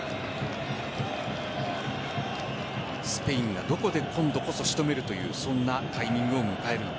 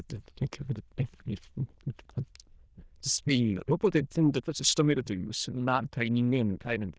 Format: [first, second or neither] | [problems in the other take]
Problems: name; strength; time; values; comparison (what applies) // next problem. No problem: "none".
first | noise reduction (neural diffusion model UNIVERSE++)